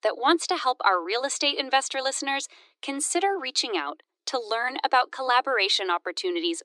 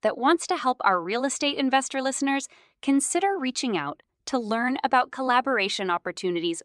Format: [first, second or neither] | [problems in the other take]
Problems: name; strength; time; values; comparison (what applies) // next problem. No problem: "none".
second | thin; somewhat; fading below 300 Hz